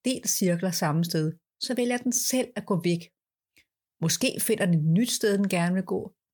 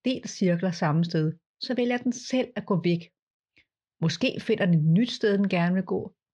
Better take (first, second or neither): first